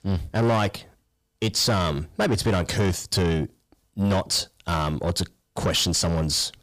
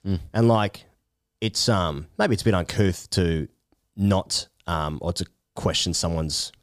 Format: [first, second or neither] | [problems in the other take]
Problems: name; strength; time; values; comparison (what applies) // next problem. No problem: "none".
second | distortion; heavy; 8 dB below the speech